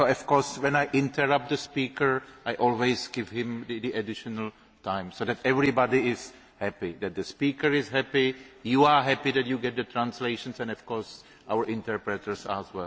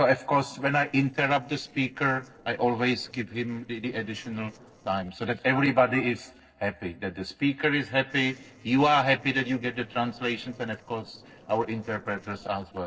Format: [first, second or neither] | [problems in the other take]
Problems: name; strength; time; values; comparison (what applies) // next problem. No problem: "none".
first | noise reduction (neural separator model SepFormer DNS4)